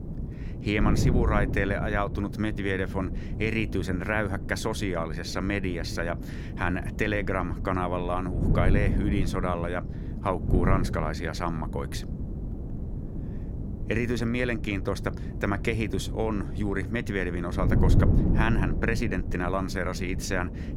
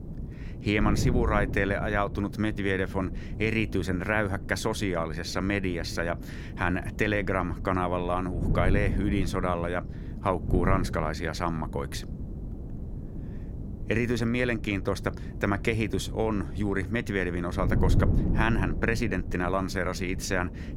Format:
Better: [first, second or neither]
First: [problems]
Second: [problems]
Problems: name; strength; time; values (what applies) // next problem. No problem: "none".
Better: second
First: wind noise on the microphone; heavy; 10 dB below the speech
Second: wind noise on the microphone; occasional gusts; 15 dB below the speech